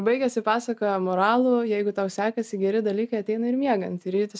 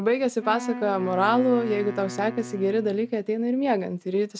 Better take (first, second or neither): first